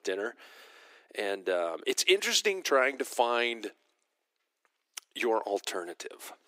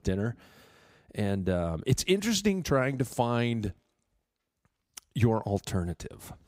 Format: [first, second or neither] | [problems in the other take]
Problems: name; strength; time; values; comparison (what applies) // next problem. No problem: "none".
second | thin; very; fading below 300 Hz